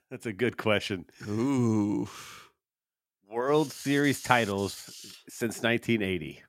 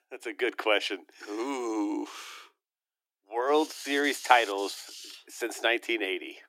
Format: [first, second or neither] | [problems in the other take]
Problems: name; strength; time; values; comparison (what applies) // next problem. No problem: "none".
first | thin; somewhat; fading below 300 Hz